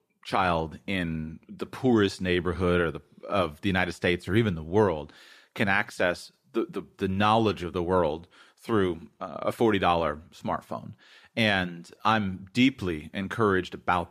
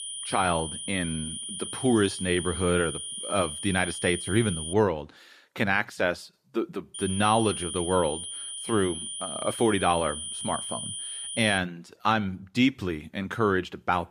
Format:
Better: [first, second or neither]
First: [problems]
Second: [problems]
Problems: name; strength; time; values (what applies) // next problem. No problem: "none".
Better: first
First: none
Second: high-pitched whine; loud; until 4.5 s and from 7 to 12 s; 9.5 kHz, 6 dB below the speech